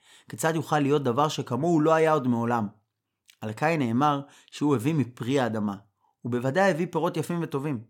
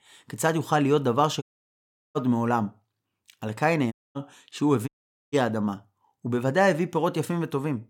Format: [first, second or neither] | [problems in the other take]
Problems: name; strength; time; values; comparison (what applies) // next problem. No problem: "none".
first | audio cutting out; at 1.5 s for 0.5 s, at 4 s and at 5 s